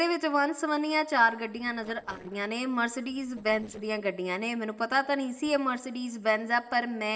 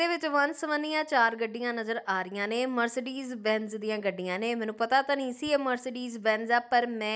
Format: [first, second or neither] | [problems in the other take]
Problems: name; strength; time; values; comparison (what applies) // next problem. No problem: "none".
second | noise reduction (neural separator model SepFormer DNS4)